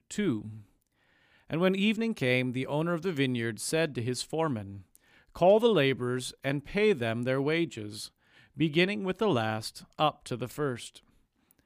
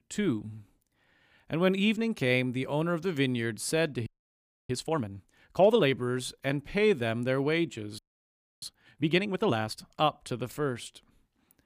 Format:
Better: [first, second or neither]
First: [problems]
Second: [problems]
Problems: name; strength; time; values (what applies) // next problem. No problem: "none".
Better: first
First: none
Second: audio freezing; at 4 s for 0.5 s and at 8 s for 0.5 s